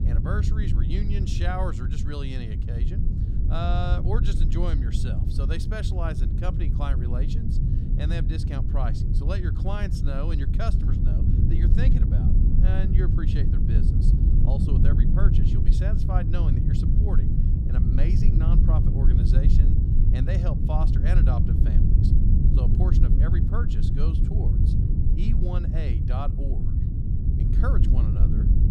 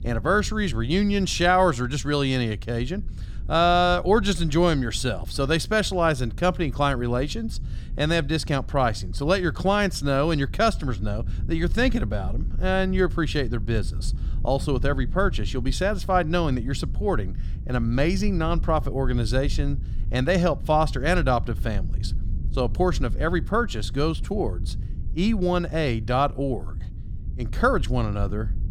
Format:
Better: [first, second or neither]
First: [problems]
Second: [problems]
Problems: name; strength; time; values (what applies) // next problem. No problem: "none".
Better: second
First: low rumble; loud; throughout; 1 dB below the speech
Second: low rumble; faint; throughout; 25 dB below the speech